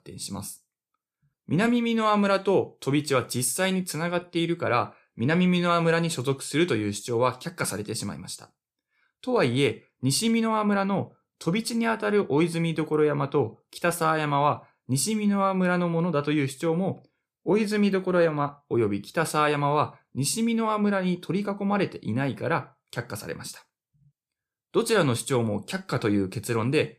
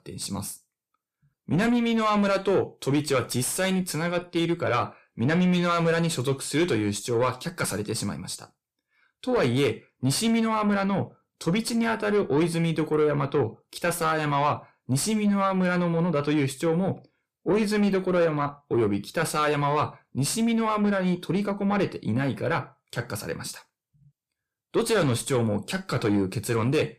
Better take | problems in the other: first | distortion; slight; 10 dB below the speech

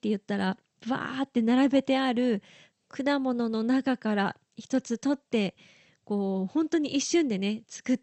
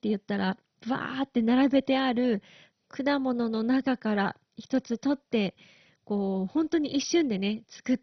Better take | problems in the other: first | garbled, watery; badly; nothing above 6 kHz; slightly in the first

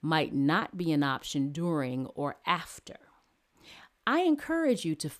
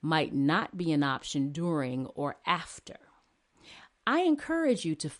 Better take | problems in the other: first | garbled, watery; slightly; nothing above 9.5 kHz

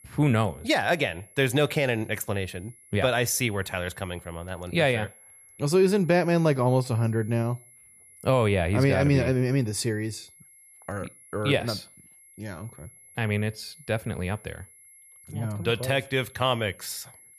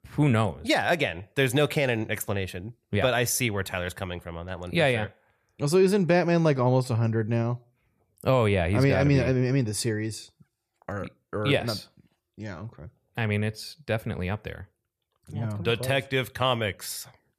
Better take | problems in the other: second | high-pitched whine; faint; throughout; 11 kHz, 25 dB below the speech

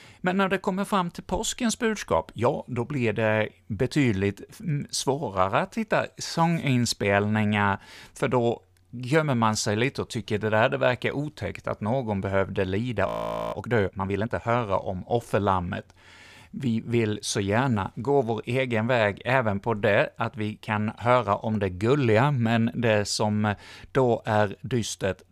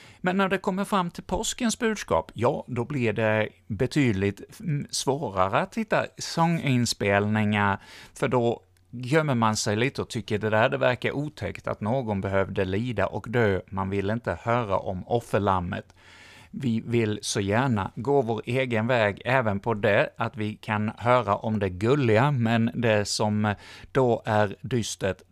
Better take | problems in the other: second | audio freezing; at 13 s

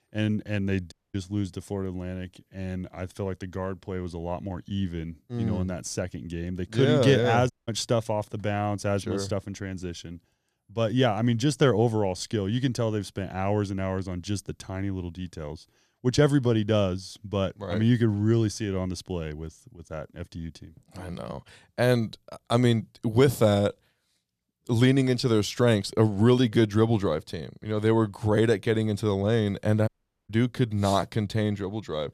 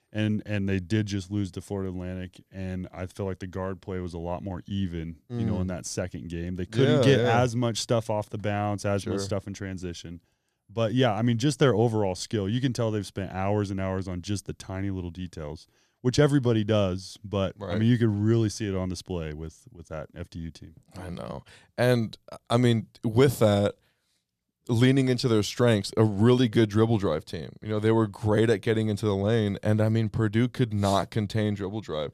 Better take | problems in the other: second | audio cutting out; at 1 s, at 7.5 s and at 30 s

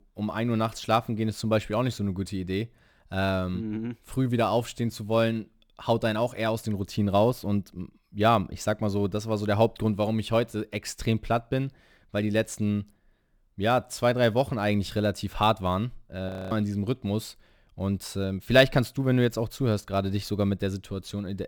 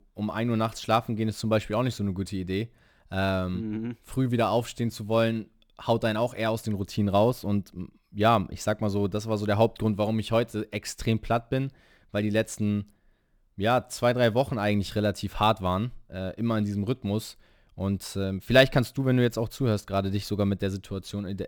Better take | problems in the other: second | audio freezing; at 16 s

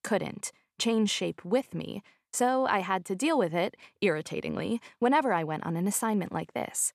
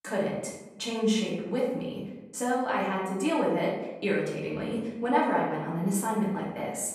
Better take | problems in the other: first | room echo; noticeable; dies away in 0.9 s // off-mic speech; far

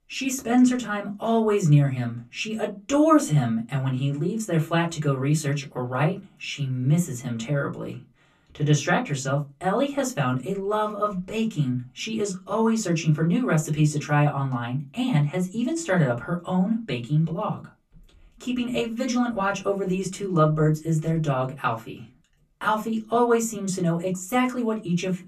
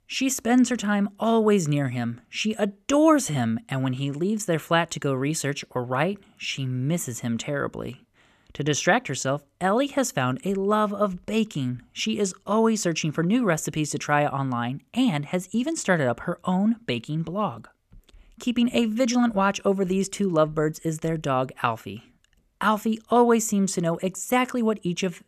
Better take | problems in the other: second | off-mic speech; far // room echo; very slight; dies away in 0.2 s

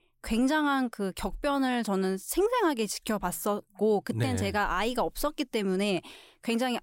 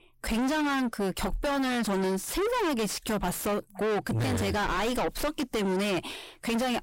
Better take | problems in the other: first | distortion; heavy; 5 dB below the speech

